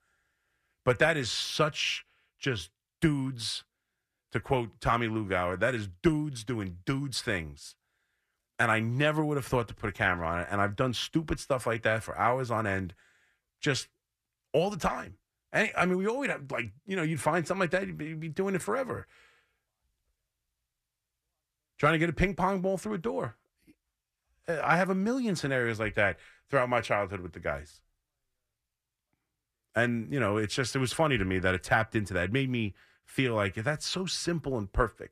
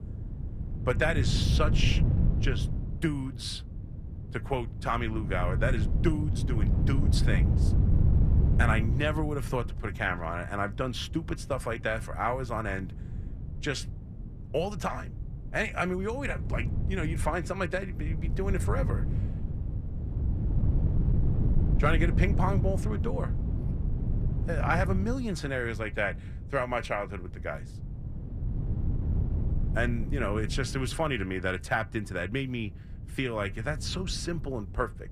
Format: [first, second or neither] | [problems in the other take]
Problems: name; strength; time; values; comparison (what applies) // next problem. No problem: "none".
first | wind noise on the microphone; occasional gusts; 10 dB below the speech